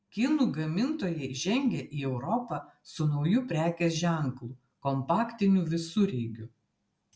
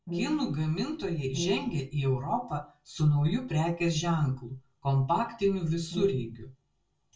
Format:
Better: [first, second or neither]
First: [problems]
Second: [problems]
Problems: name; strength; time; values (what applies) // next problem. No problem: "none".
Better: first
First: none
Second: background sound (Brass instrument); 8 dB below the speech // room echo; dies away in 0.1 s